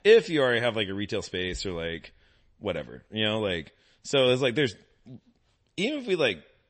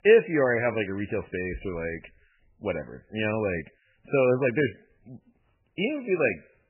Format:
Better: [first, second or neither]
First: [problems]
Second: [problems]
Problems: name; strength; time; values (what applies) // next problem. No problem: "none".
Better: first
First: garbled, watery; slightly; nothing above 8 kHz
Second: garbled, watery; badly; nothing above 3 kHz